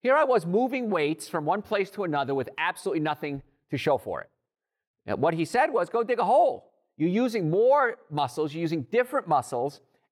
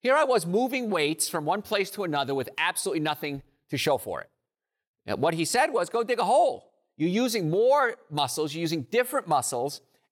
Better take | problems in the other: second | muffled; slightly; fading above 3 kHz

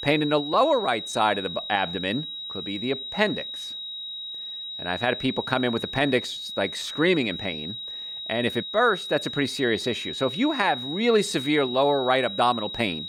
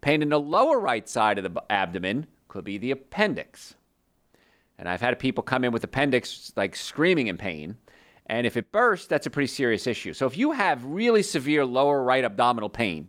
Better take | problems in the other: second | high-pitched whine; loud; throughout; 4 kHz, 7 dB below the speech

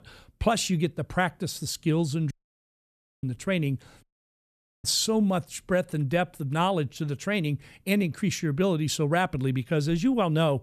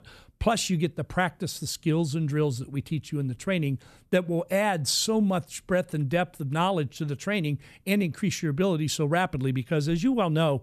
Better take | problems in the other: second | audio cutting out; at 2.5 s for 1 s and at 4 s for 1 s

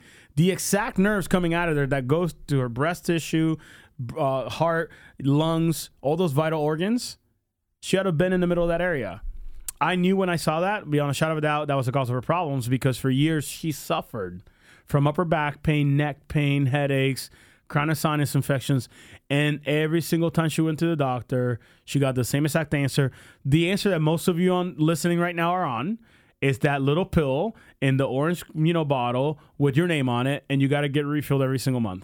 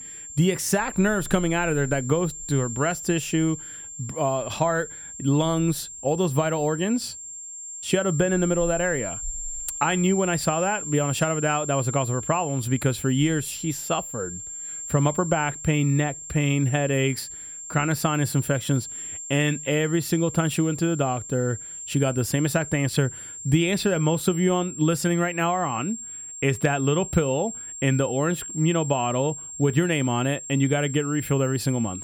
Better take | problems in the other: first | high-pitched whine; loud; throughout; 7.5 kHz, 9 dB below the speech

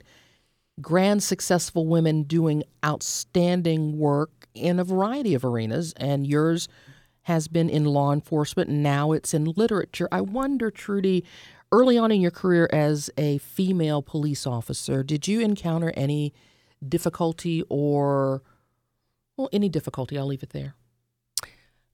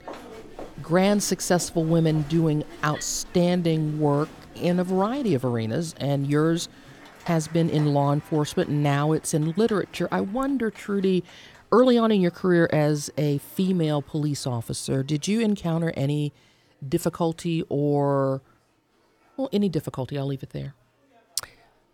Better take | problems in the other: first | crowd noise; faint; throughout; 20 dB below the speech

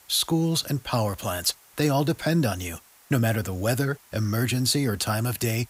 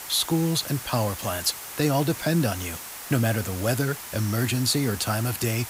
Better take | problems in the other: first | hiss; loud; throughout; 10 dB below the speech; faint in the first

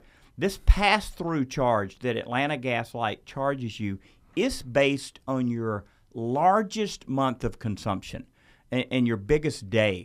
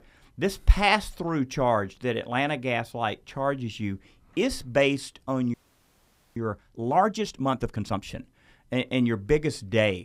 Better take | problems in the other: first | audio freezing; at 5.5 s for 1 s

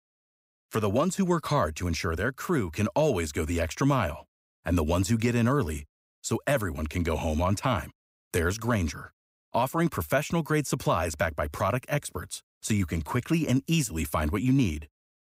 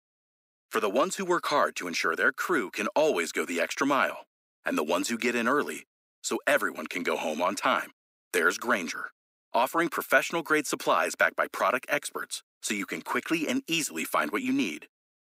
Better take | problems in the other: first | thin; somewhat; fading below 250 Hz

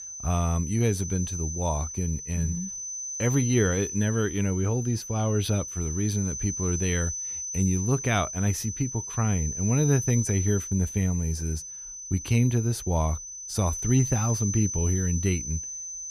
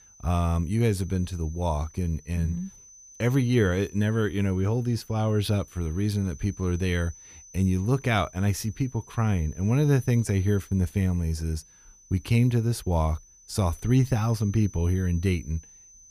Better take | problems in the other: second | high-pitched whine; loud; throughout; 6 kHz, 6 dB below the speech; faint in the second

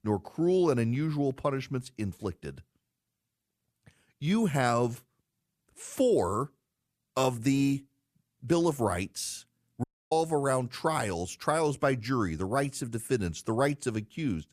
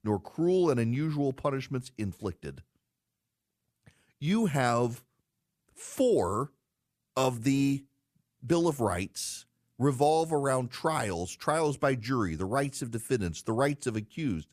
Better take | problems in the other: second | audio cutting out; at 10 s

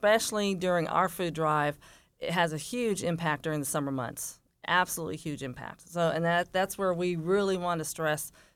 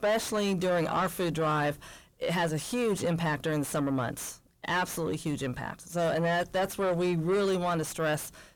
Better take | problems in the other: first | distortion; heavy; 8 dB below the speech

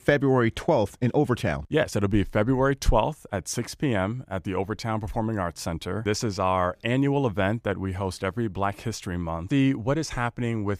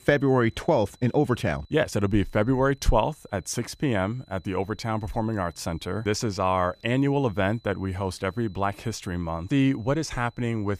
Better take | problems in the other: first | high-pitched whine; faint; throughout; 4 kHz, 35 dB below the speech

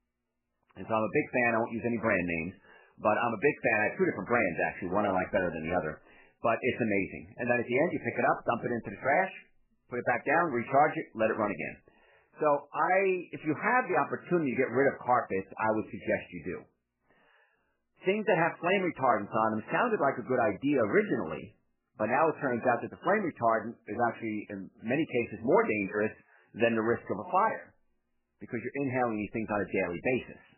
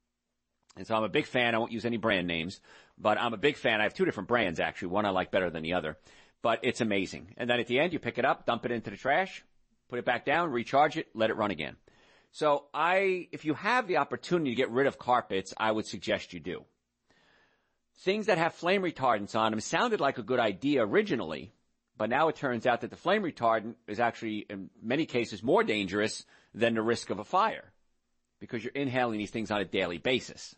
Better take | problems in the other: second | garbled, watery; badly; nothing above 3 kHz; slightly in the second

